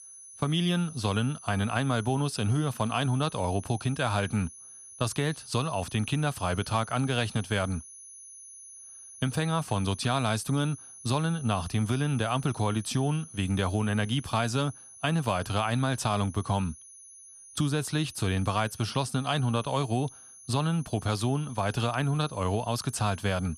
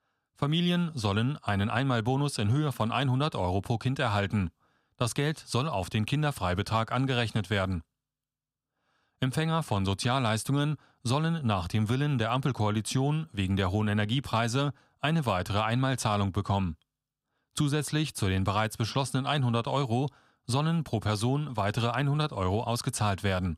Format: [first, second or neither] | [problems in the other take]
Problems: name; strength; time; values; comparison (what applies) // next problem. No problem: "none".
second | high-pitched whine; noticeable; throughout; 10.5 kHz, 15 dB below the speech